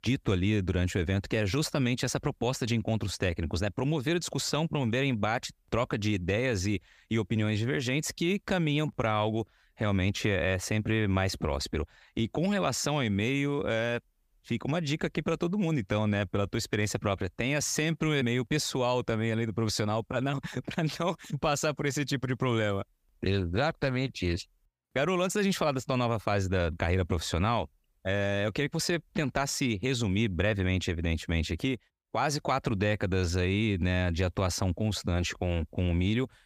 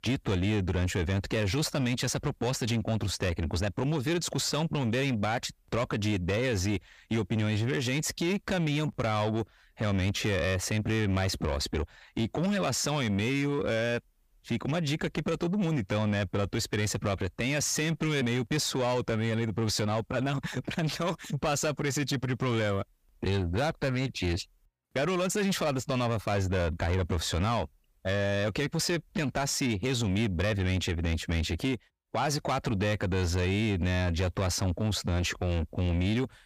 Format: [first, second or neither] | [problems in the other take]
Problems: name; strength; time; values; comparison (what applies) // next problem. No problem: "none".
first | distortion; slight; 10 dB below the speech